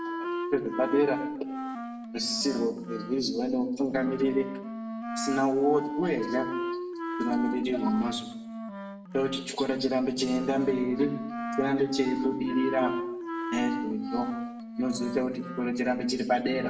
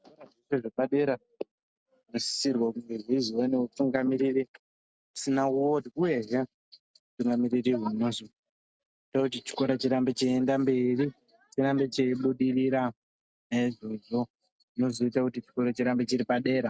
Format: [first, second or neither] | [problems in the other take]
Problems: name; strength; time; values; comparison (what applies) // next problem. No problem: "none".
second | background sound (Wind instrument, woodwind instrument); 7 dB below the speech // room echo; dies away in 0.7 s